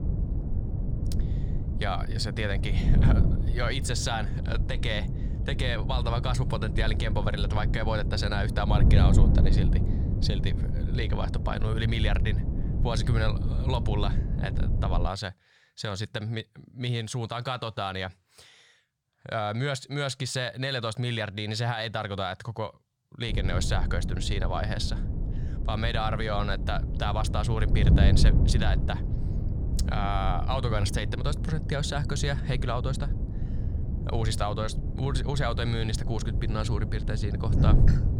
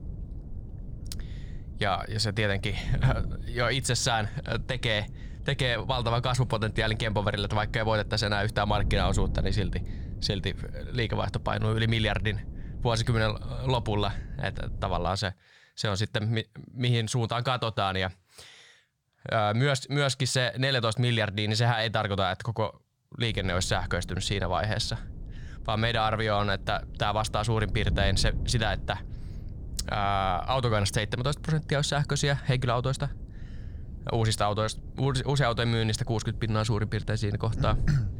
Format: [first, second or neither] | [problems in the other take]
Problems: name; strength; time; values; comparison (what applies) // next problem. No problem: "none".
second | wind noise on the microphone; heavy; until 15 s and from 23 s on; 8 dB below the speech; occasional gusts in the second